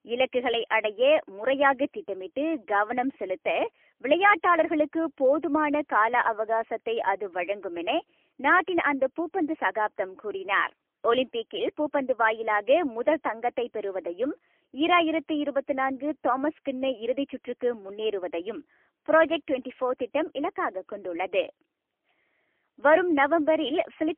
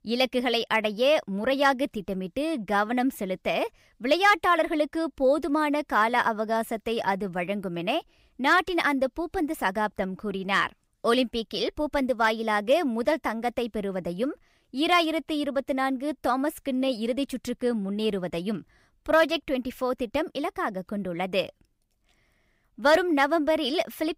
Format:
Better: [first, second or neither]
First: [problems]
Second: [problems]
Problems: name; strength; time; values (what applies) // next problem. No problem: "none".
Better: second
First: phone-call audio; poor line; nothing above 3.5 kHz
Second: none